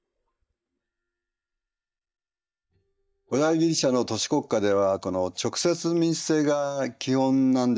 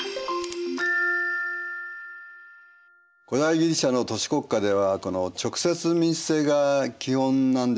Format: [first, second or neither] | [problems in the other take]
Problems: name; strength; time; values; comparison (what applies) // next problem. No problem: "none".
second | noise reduction (neural mask model DeepFilterNet 3)